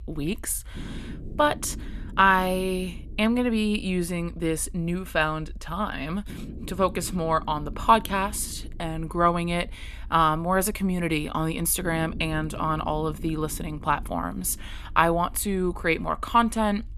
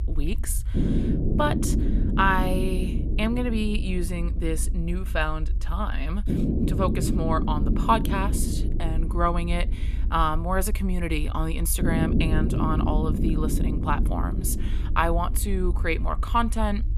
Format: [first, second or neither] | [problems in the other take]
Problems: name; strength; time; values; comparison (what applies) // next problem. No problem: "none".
first | low rumble; loud; throughout; 8 dB below the speech; faint in the first